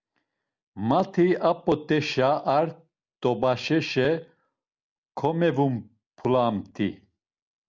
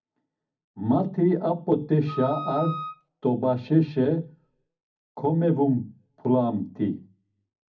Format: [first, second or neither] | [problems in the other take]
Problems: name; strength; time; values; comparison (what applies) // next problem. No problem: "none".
first | background sound (Wind instrument, woodwind instrument); 9 dB below the speech // room echo; dies away in 0.4 s